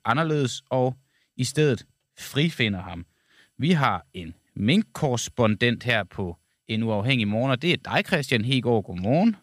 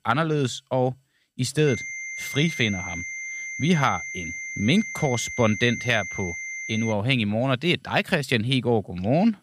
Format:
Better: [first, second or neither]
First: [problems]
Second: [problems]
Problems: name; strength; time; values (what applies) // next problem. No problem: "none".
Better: first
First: none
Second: high-pitched whine; loud; from 1.5 to 7 s; 2 kHz, 7 dB below the speech